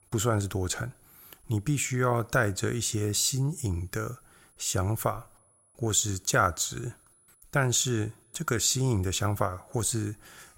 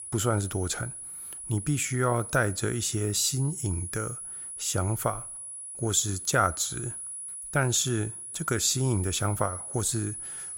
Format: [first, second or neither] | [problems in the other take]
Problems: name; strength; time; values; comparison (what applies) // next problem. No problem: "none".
first | high-pitched whine; loud; throughout; 10 kHz, 8 dB below the speech; faint in the first